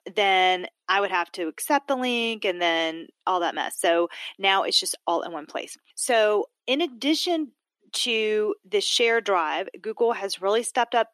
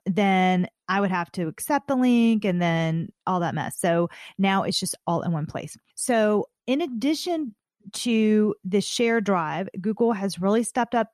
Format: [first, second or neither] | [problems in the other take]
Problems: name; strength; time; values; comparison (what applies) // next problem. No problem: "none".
second | thin; somewhat; fading below 300 Hz